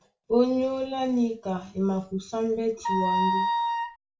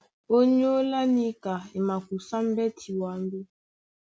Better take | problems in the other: second | background sound (Wind instrument, woodwind instrument); 1 dB above the speech // room echo; dies away in 0.3 s

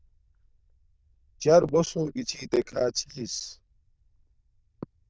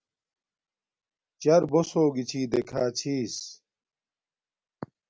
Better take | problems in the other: second | noise reduction (neural diffusion model UNIVERSE++)

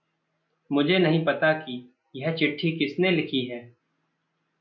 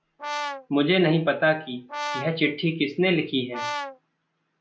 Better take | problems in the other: first | background sound (Brass instrument); 8 dB below the speech

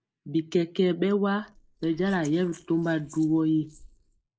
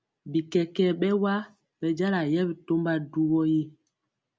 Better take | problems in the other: second | noise reduction (neural mask model Resemble Enhance denoiser)

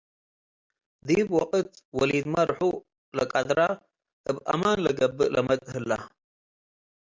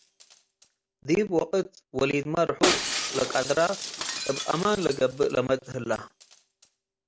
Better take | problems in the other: first | background sound (Shatter); 7 dB below the speech

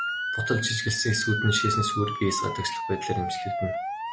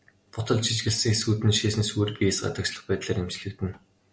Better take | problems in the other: second | background sound (Motor vehicle (road) / Siren); 2 dB below the speech

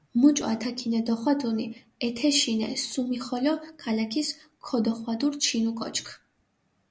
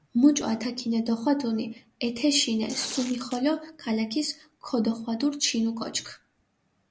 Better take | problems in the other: first | background sound (Tearing); 12 dB below the speech

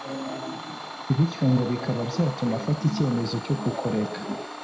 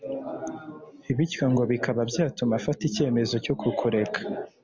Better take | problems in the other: second | background sound (Domestic sounds, home sounds); 12 dB below the speech // room echo; dies away in 0.5 s

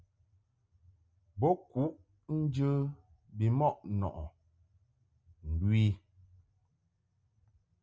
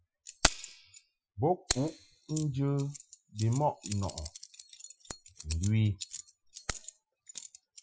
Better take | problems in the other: first | noise reduction (classical method Wiener filter)

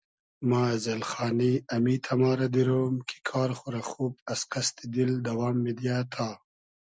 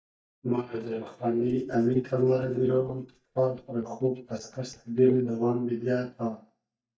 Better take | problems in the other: first | noise reduction (neural mask model DeepFilterNet 3)

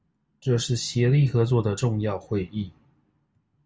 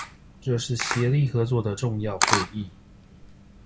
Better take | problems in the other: first | background sound (Camera); 5 dB below the speech

